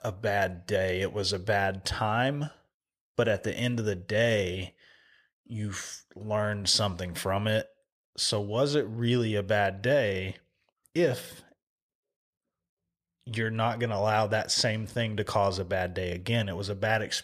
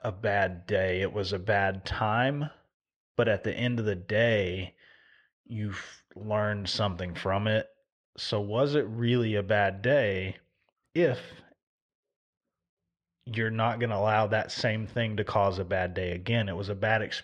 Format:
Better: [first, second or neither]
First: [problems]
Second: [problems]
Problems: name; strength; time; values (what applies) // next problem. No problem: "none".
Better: first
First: none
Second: muffled; slightly; fading above 2.5 kHz